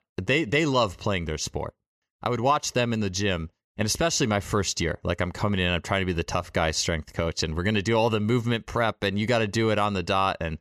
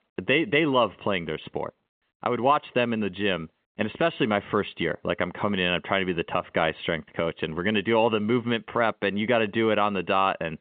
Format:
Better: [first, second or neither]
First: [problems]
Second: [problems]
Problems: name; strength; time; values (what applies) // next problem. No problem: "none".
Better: first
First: none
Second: phone-call audio; nothing above 3 kHz